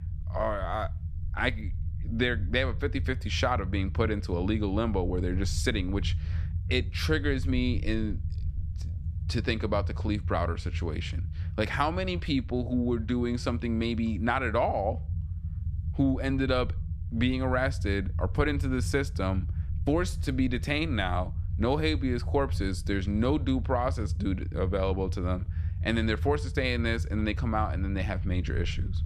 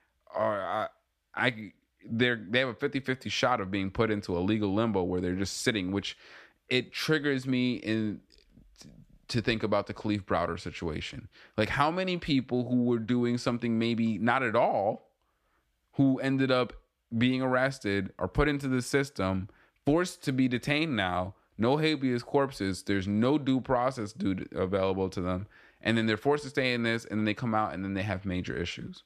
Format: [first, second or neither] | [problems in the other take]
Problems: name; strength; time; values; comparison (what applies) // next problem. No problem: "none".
second | low rumble; noticeable; throughout; 20 dB below the speech